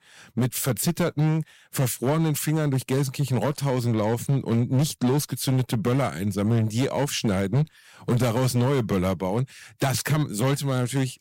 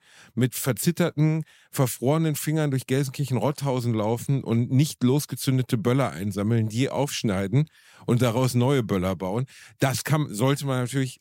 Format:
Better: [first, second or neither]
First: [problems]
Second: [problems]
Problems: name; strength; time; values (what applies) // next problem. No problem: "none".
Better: second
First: distortion; slight; 9% of the sound clipped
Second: none